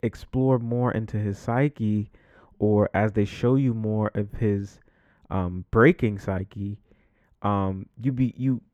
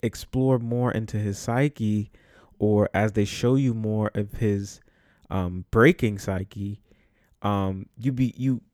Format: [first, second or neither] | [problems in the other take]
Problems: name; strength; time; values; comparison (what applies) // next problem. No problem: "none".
second | muffled; slightly; fading above 3.5 kHz